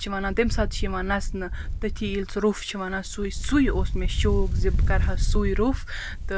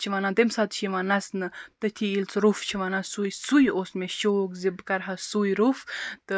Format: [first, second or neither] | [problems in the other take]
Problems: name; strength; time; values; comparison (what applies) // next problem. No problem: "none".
second | background sound (Wind); 2 dB above the speech